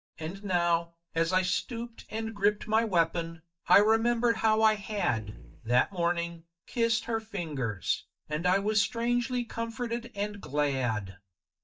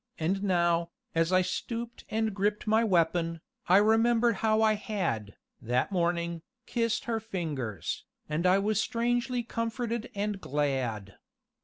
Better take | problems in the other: second | noise reduction (neural mask model DeepFilterNet 3)

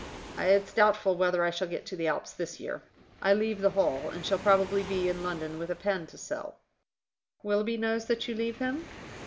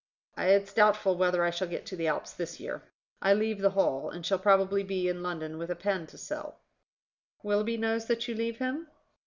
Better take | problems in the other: second | background sound (Waves, surf); 18 dB below the speech

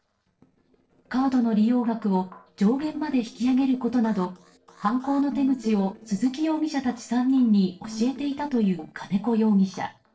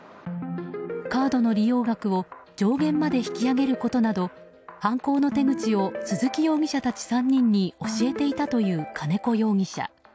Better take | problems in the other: second | noise reduction (neural separator model SepFormer DNS4)

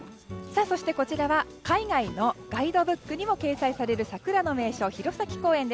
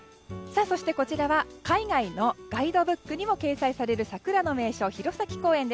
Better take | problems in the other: second | background sound (Boat, Water vehicle); 20 dB below the speech

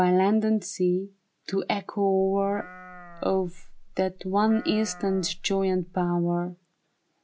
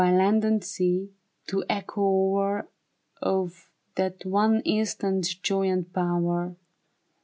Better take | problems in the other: second | background sound (Livestock, farm animals, working animals); 17 dB below the speech

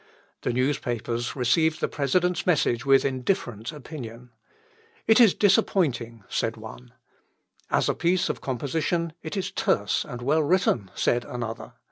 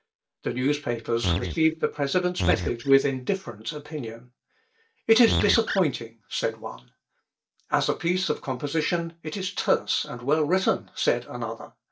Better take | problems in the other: first | noise reduction (neural mask model DeepFilterNet 3)

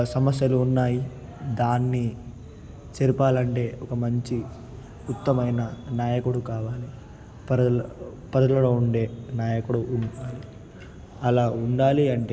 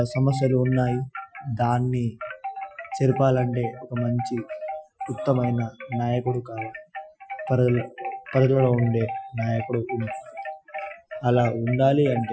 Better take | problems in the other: first | noise reduction (classical method Wiener filter)

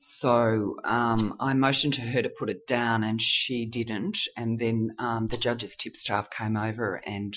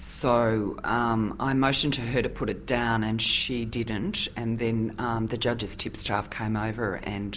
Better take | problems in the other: second | noise reduction (classical method Wiener filter)

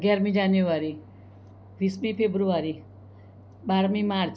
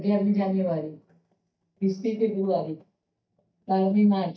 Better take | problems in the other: first | noise reduction (neural mask model DeepFilterNet 3)

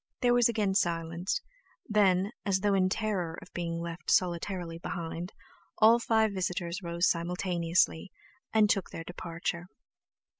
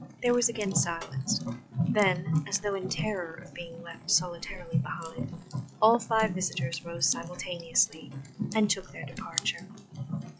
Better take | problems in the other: first | noise reduction (classical method log-MMSE)

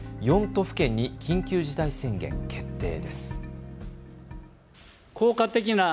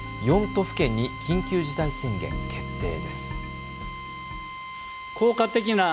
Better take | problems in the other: first | background sound (Drill); 12 dB below the speech

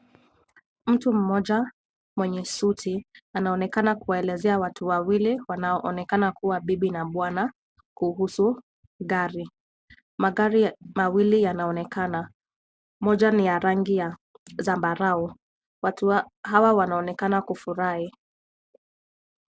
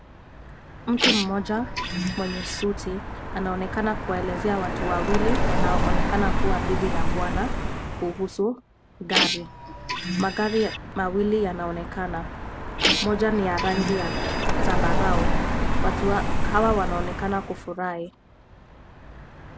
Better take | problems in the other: first | background sound (Car passing by + Printer); 3 dB above the speech

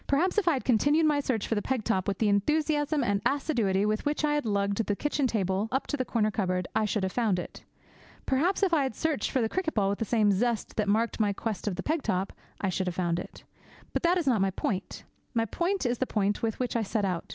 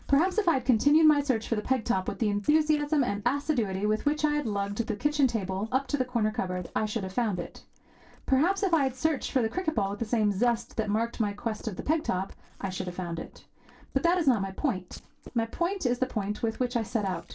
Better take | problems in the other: first | noise reduction (neural separator model SepFormer DNS4)

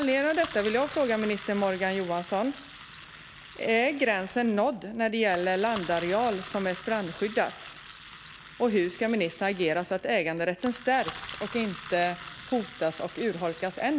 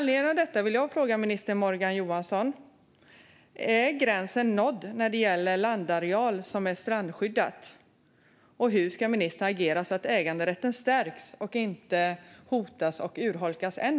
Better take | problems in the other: second | background sound (Engine); 15 dB below the speech

